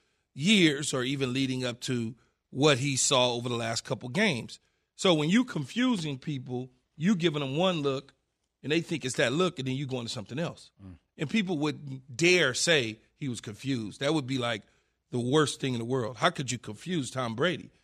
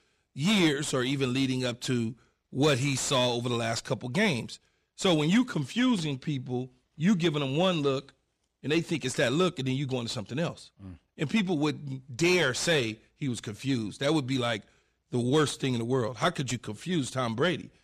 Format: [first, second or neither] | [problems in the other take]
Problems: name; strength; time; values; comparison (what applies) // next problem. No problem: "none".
first | distortion; slight; 10 dB below the speech